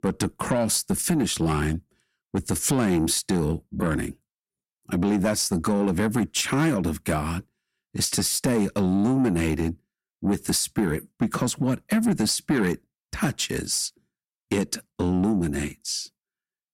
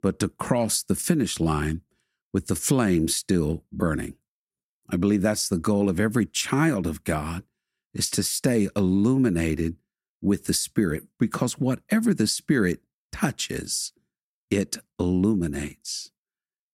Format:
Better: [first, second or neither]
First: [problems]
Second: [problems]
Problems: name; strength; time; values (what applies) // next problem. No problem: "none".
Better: second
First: distortion; slight; 10 dB below the speech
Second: none